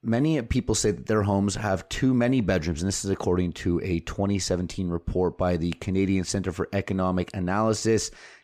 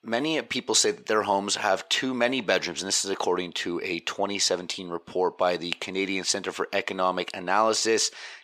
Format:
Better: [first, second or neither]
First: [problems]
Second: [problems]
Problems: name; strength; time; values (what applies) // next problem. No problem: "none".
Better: first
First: none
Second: thin; somewhat; fading below 450 Hz